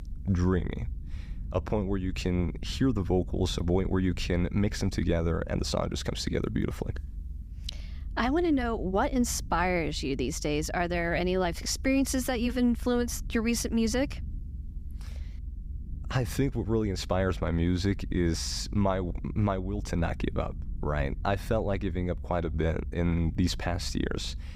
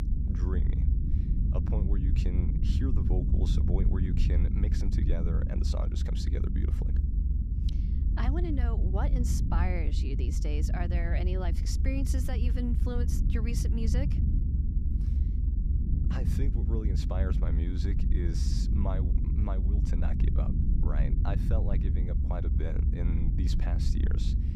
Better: first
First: low rumble; faint; throughout; 25 dB below the speech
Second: low rumble; loud; throughout; 3 dB below the speech

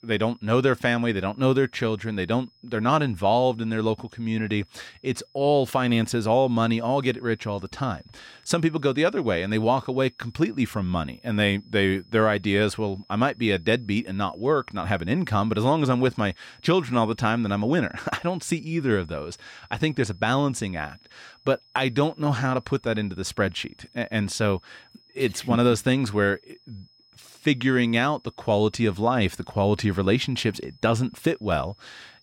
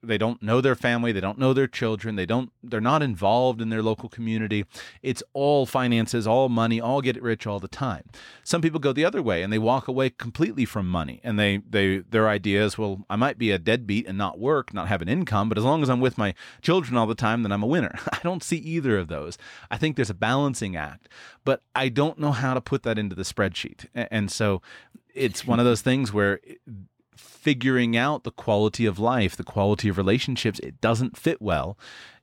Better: second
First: high-pitched whine; faint; throughout; 5 kHz, 30 dB below the speech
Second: none

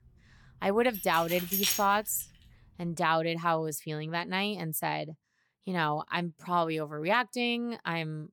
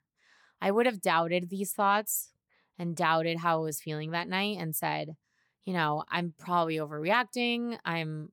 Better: second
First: jangling keys; loud; at 1 s; peak 3 dB above the speech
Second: none

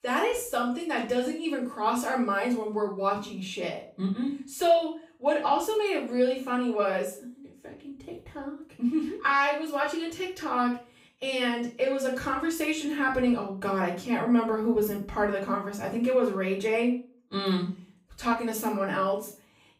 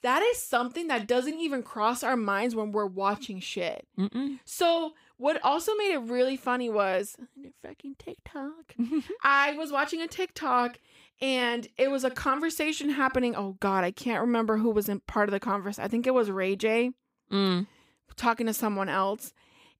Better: second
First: off-mic speech; far // room echo; slight; dies away in 0.4 s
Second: none

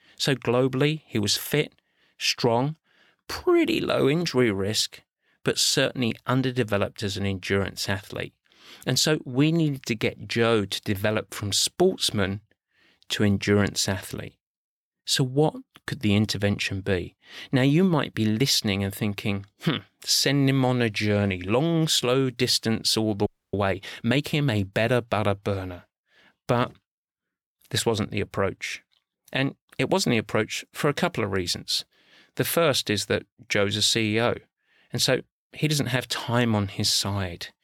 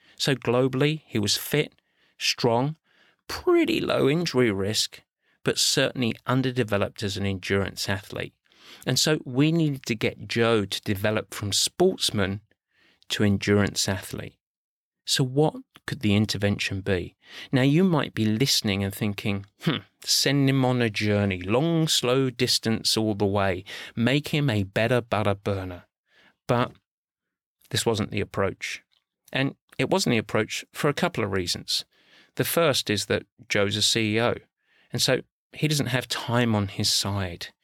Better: second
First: audio freezing; at 23 s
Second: none

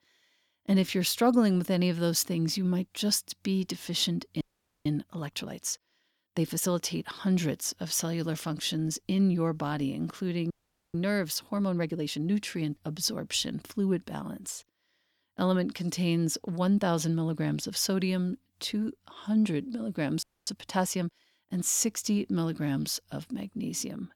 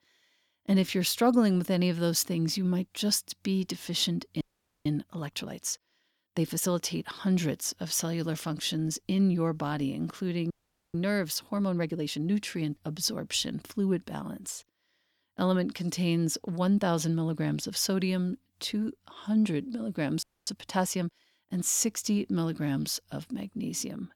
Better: neither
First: audio freezing; at 4.5 s, at 11 s and at 20 s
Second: audio freezing; at 4.5 s, at 11 s and at 20 s

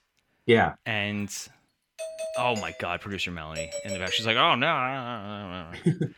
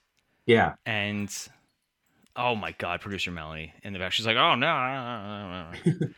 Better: second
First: doorbell; noticeable; from 2 to 4.5 s; peak 7 dB below the speech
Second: none

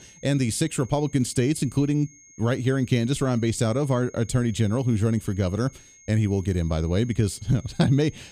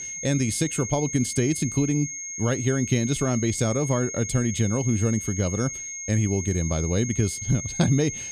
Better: first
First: high-pitched whine; faint; throughout; 6.5 kHz, 25 dB below the speech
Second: high-pitched whine; loud; throughout; 6.5 kHz, 6 dB below the speech

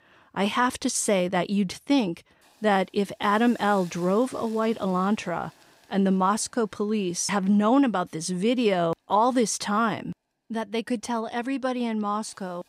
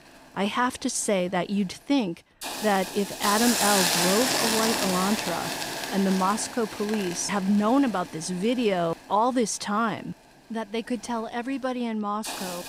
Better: first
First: hiss; faint; throughout; 25 dB below the speech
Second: hiss; loud; throughout; 1 dB below the speech

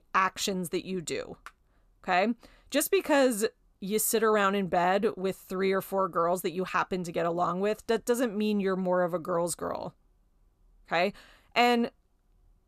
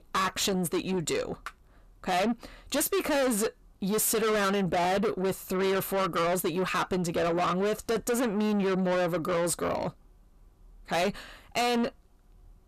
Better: first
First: none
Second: distortion; heavy; 6 dB below the speech

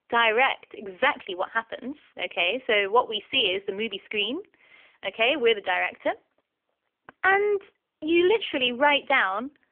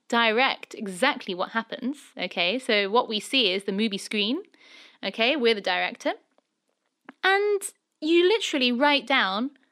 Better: second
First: phone-call audio; poor line; nothing above 3.5 kHz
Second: none

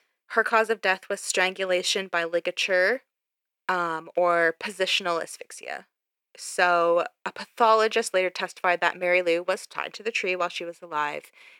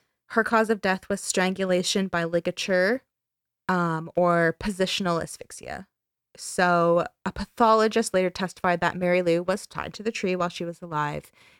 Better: second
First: thin; somewhat; fading below 450 Hz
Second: none

